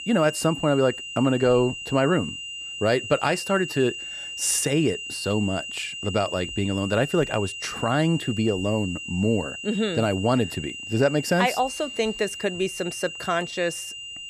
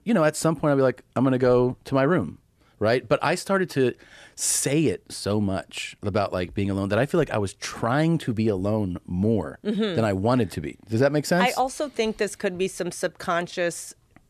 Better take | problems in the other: second | high-pitched whine; loud; throughout; 3 kHz, 8 dB below the speech

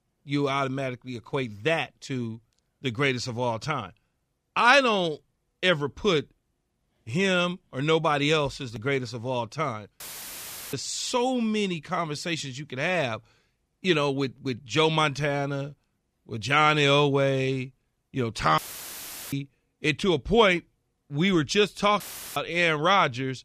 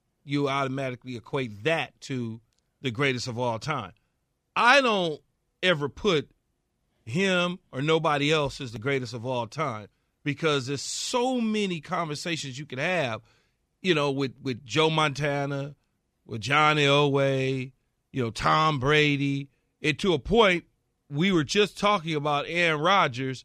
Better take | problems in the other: second | audio cutting out; filled with static; at 10 s for 0.5 s, at 19 s for 0.5 s and at 22 s

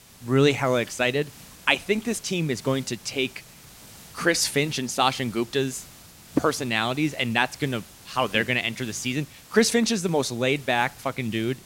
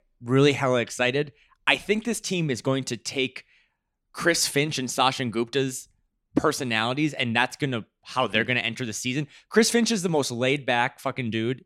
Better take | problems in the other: second | hiss; faint; throughout; 20 dB below the speech

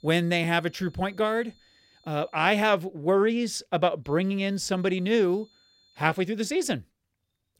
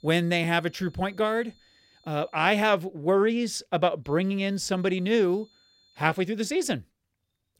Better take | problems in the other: neither | high-pitched whine; faint; until 2.5 s and from 4 to 6.5 s; 4 kHz, 35 dB below the speech; the same in both

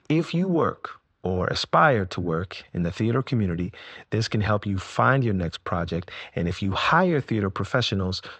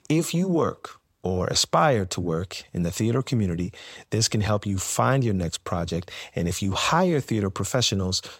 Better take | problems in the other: second | muffled; slightly; fading above 4 kHz

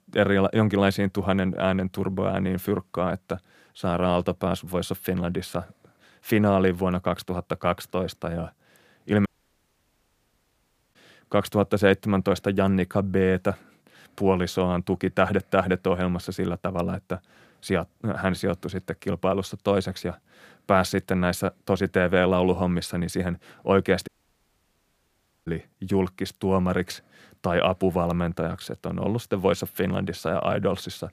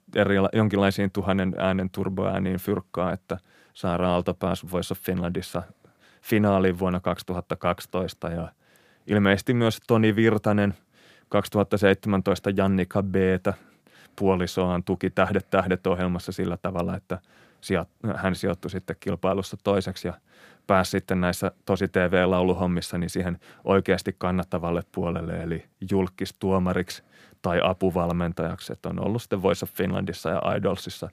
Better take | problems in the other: second | audio cutting out; at 9.5 s for 1.5 s and at 24 s for 1.5 s

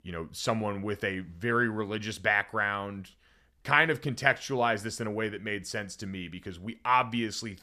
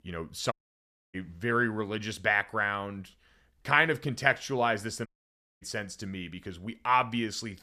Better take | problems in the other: first | audio cutting out; at 0.5 s for 0.5 s and at 5 s for 0.5 s

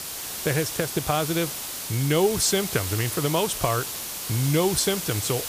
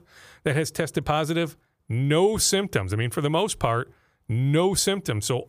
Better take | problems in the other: second | hiss; loud; throughout; 5 dB below the speech

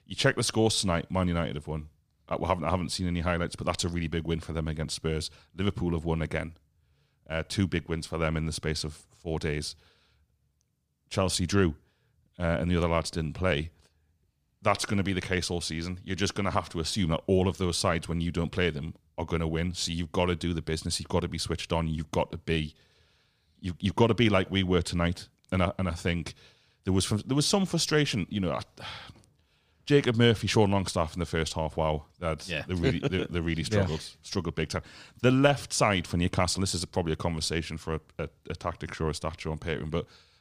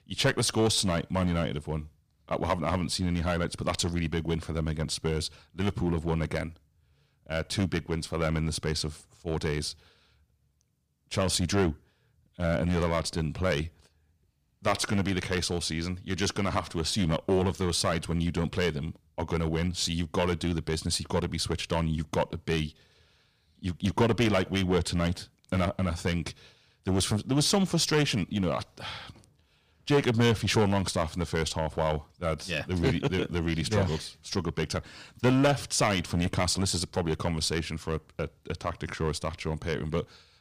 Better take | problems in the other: first | distortion; slight; 4% of the sound clipped

